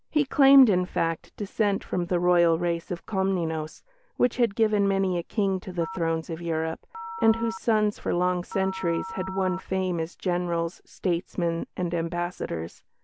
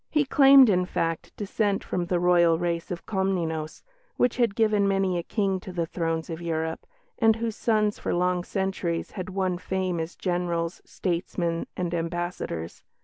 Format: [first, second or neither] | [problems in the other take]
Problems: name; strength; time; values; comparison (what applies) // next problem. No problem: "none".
second | background sound (Telephone); 13 dB below the speech